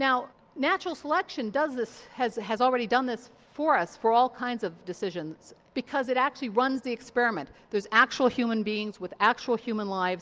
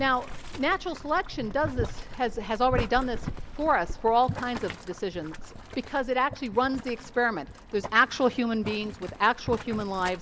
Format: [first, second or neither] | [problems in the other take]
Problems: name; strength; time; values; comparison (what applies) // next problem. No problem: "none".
first | background sound (Boiling); 9 dB below the speech